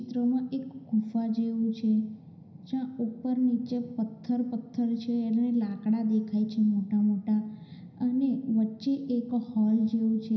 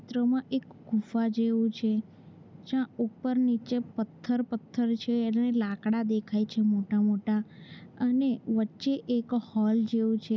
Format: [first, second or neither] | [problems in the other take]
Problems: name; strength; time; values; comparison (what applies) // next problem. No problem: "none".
second | room echo; dies away in 0.9 s